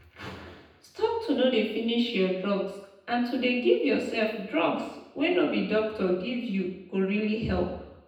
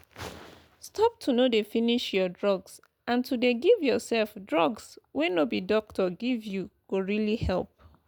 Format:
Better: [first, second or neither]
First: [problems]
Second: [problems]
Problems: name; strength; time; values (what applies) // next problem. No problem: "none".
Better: second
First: room echo; dies away in 0.9 s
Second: none